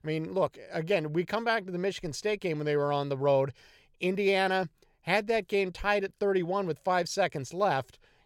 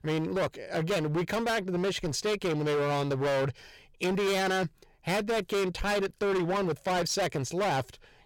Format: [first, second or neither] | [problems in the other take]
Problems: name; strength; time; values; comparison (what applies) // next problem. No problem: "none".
first | distortion; heavy; 27% of the sound clipped